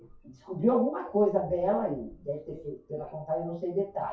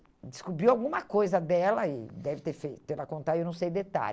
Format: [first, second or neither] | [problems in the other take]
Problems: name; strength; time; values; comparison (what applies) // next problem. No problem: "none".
second | noise reduction (classical method WPE with log-MMSE)